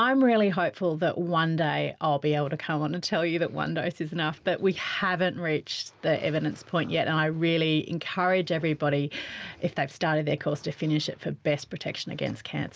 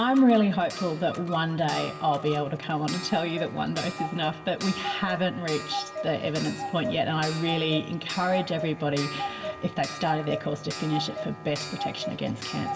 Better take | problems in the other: first | background sound (Clock); 9 dB below the speech // room echo; dies away in 1.7 s

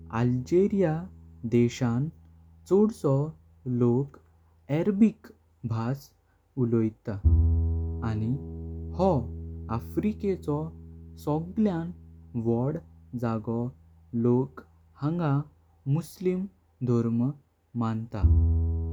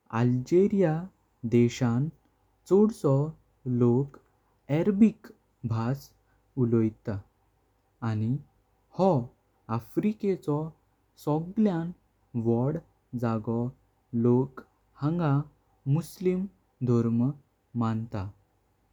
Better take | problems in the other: second | background sound (Bowed string instrument); 5 dB below the speech

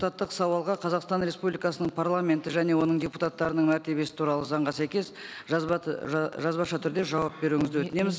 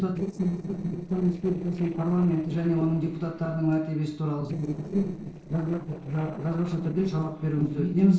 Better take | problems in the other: first | noise reduction (neural separator model SepFormer DNS4)

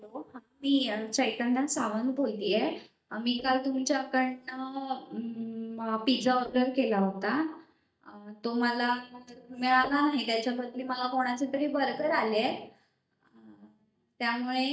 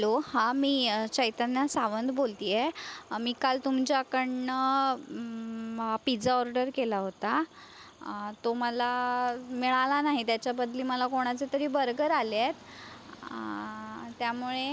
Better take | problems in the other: second | noise reduction (neural mask model DeepFilterNet 3)

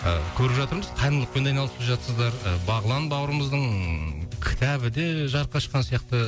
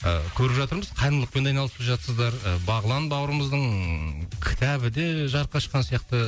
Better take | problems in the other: second | background sound (Guitar); 17 dB below the speech

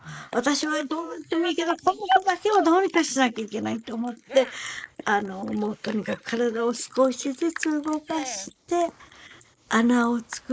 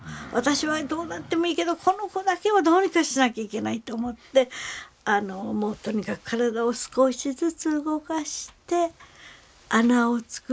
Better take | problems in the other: second | noise reduction (neural mask model Resemble Enhance denoiser)

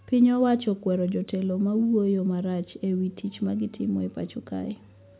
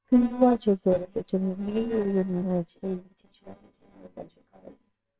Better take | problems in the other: first | noise reduction (neural separator model SepFormer WHAMR!)

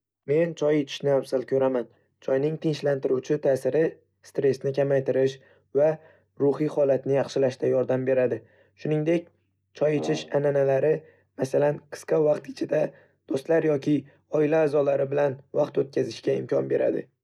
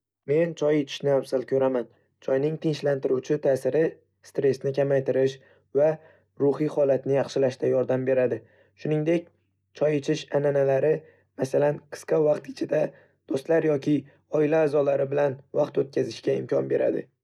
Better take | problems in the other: second | background sound (Brass instrument); 13 dB below the speech

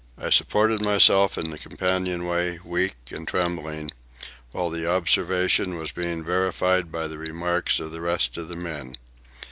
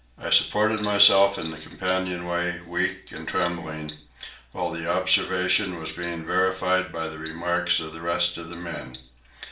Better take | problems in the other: first | room echo; dies away in 0.4 s

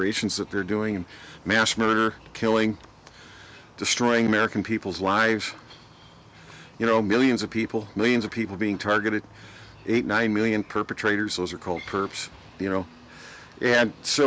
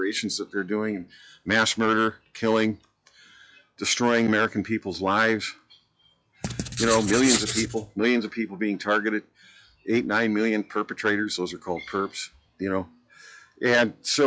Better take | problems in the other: first | noise reduction (classical method log-MMSE)

